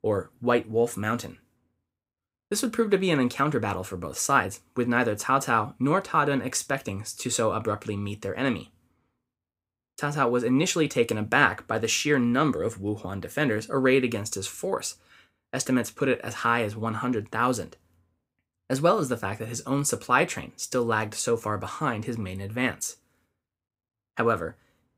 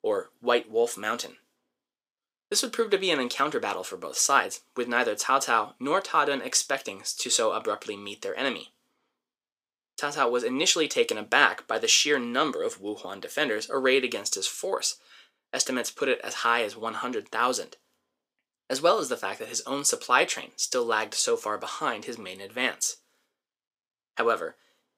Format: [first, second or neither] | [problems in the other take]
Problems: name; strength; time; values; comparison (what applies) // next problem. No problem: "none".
first | thin; somewhat; fading below 450 Hz